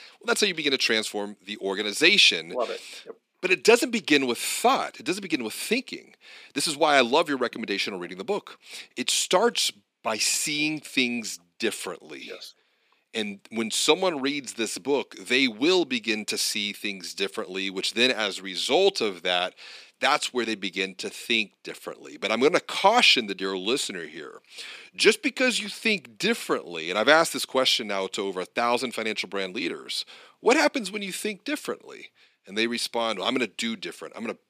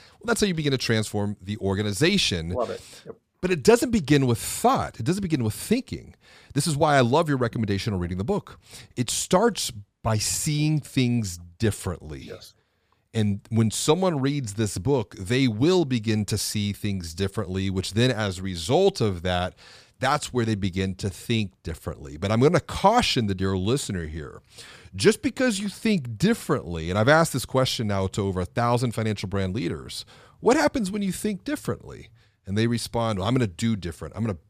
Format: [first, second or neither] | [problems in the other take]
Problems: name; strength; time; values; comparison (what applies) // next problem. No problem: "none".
second | thin; somewhat; fading below 250 Hz